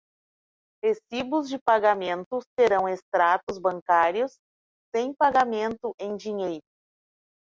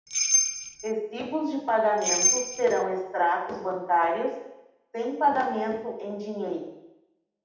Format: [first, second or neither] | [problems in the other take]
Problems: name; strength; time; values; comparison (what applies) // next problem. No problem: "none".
first | background sound (Bell); 2 dB above the speech // room echo; dies away in 0.8 s